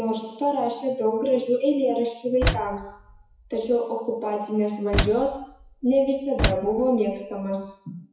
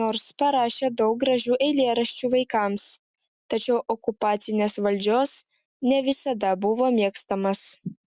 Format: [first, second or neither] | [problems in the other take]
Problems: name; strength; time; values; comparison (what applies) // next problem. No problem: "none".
second | noise reduction (classical method WPE with log-MMSE)